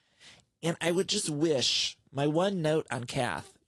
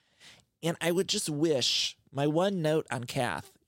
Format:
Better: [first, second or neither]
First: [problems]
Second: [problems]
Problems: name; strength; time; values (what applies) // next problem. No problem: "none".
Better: second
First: garbled, watery; slightly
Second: none